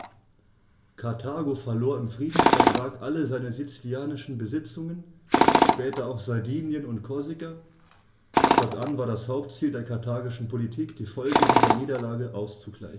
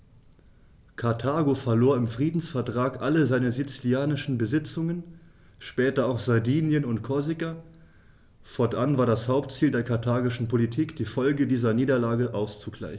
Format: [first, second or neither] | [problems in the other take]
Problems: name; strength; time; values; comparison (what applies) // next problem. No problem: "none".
second | background sound (Tools); 3 dB above the speech // room echo; dies away in 0.4 s